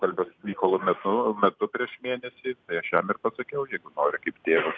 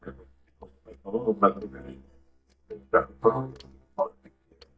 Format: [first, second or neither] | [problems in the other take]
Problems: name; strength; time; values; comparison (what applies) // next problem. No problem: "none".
first | noise reduction (neural mask model DeepFilterNet 3)